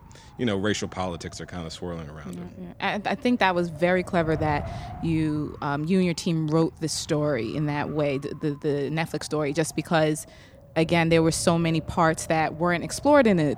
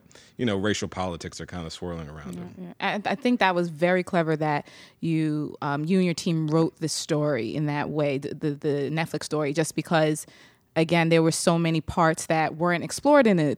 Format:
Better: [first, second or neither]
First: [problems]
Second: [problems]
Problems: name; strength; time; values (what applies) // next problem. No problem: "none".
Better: second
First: wind noise on the microphone; occasional gusts; 20 dB below the speech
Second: none